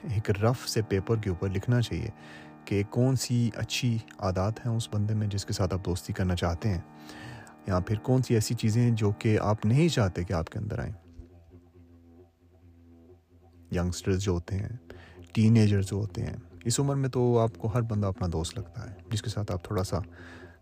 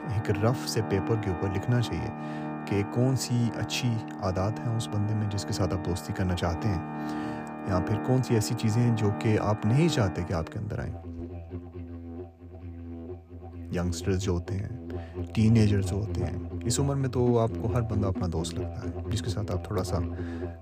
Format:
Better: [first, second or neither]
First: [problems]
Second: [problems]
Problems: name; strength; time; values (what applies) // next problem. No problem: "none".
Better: first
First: background music; faint; throughout; 25 dB below the speech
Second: background music; loud; throughout; 8 dB below the speech